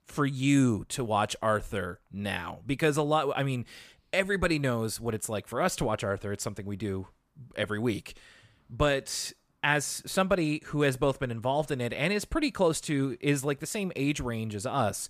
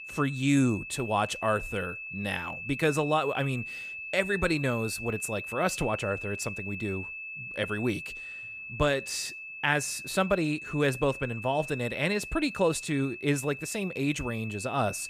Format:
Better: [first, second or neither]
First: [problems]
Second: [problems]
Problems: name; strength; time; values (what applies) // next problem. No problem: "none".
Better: first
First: none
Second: high-pitched whine; loud; throughout; 2.5 kHz, 8 dB below the speech